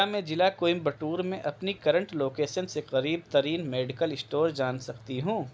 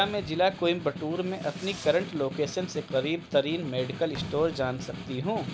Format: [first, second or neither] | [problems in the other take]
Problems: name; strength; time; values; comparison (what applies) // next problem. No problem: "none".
first | background sound (Fireworks + Snare drum); 11 dB below the speech